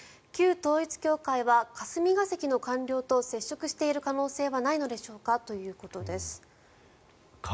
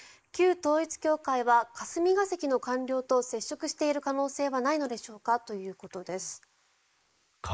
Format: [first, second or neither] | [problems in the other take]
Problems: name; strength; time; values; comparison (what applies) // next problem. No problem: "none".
first | noise reduction (neural mask model Resemble Enhance denoiser)